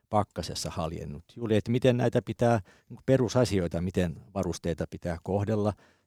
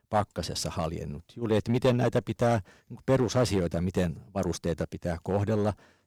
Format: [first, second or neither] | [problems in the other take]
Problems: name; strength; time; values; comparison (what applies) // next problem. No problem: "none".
first | distortion; slight; 3% of the sound clipped